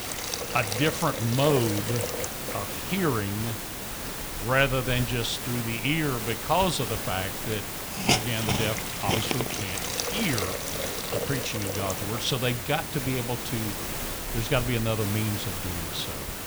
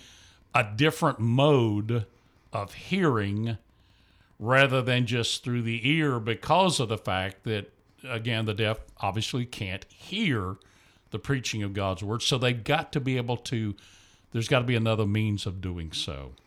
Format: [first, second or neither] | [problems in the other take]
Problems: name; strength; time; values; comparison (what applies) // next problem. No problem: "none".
second | hiss; loud; throughout; 1 dB below the speech